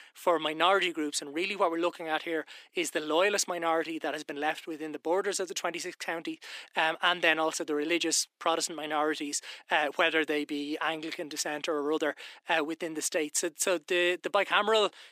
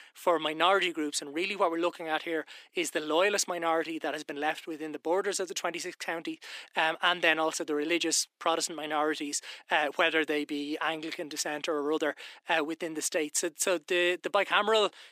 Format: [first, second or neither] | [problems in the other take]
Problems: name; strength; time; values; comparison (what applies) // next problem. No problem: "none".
neither | thin; very; fading below 250 Hz; the same in both